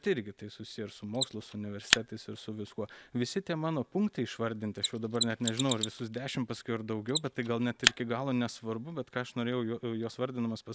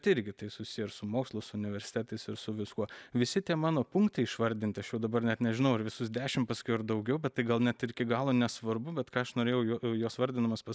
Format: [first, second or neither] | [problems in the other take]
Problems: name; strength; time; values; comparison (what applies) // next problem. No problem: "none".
second | background sound (Mechanisms); 4 dB below the speech